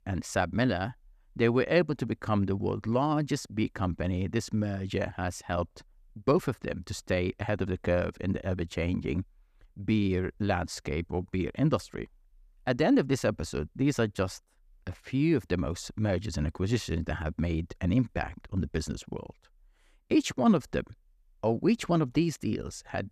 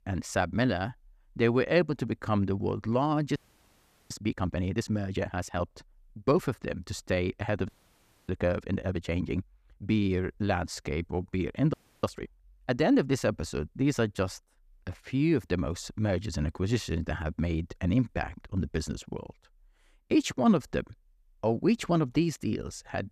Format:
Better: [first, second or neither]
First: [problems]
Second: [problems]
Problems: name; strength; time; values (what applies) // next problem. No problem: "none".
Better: first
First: none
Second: audio freezing; at 3.5 s for 0.5 s, at 7.5 s for 0.5 s and at 12 s